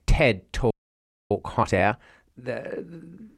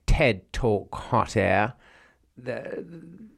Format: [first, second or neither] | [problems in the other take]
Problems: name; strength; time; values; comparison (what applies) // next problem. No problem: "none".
second | audio freezing; at 0.5 s for 0.5 s